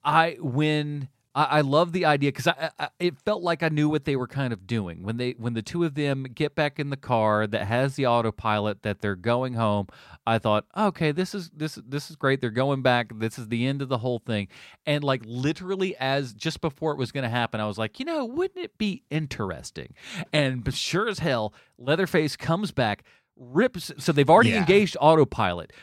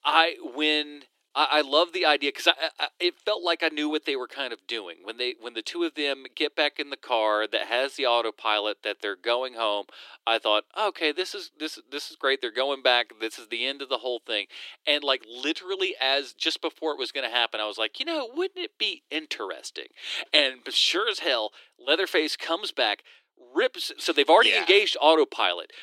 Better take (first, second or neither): first